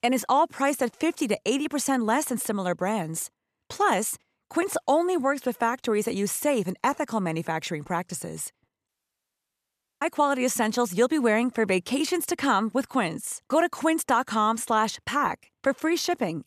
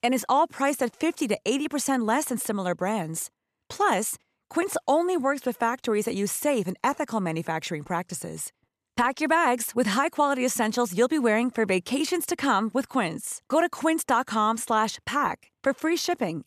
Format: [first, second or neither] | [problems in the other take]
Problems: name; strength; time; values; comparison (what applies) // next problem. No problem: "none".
second | audio cutting out; at 9 s for 1 s